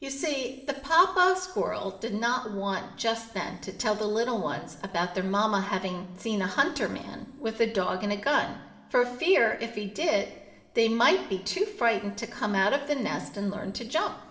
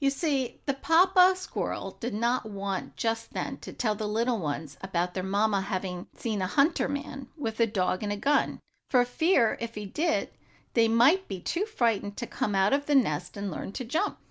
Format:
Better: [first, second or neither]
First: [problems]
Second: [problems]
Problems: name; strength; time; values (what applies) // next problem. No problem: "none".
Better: second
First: room echo; dies away in 1.4 s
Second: none